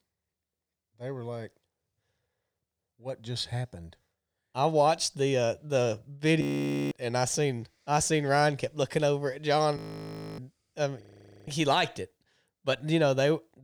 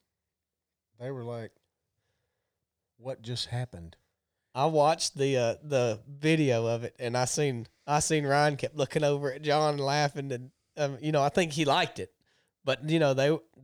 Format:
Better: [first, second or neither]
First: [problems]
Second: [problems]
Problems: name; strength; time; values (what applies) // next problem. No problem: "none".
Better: second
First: audio freezing; at 6.5 s for 0.5 s, at 10 s for 0.5 s and at 11 s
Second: none